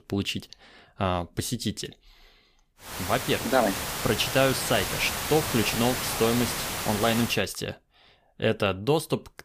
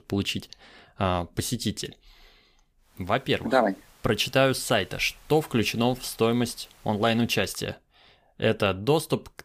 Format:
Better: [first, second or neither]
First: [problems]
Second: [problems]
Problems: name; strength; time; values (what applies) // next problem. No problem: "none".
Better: second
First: hiss; loud; from 3 to 7.5 s; 3 dB below the speech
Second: hiss; faint; from 3 to 7.5 s; 30 dB below the speech